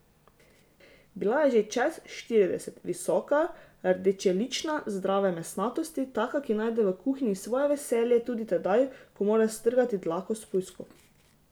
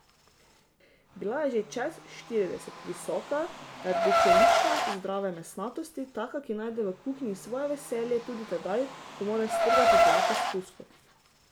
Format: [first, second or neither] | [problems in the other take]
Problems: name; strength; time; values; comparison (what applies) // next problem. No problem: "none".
first | background sound (Car); 4 dB above the speech